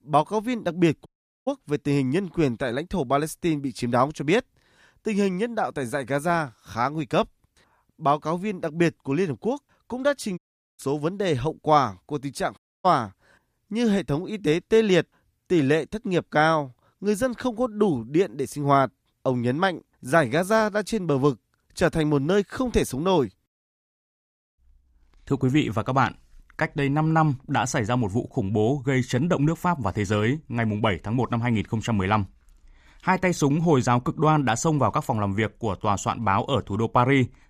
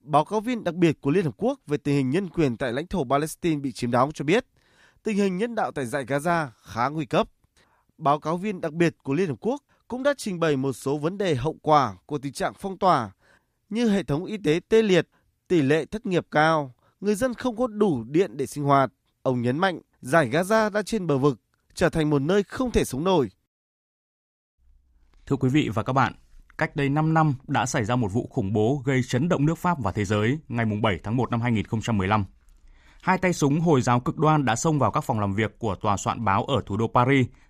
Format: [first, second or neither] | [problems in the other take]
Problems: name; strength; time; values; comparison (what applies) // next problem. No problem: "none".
second | audio cutting out; at 1 s, at 10 s and at 13 s